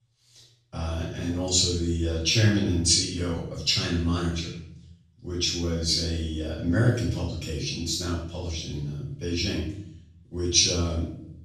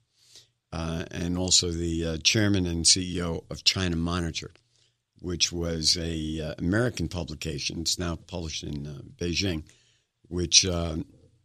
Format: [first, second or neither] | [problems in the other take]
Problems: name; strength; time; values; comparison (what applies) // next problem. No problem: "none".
second | off-mic speech; far // room echo; noticeable; dies away in 0.7 s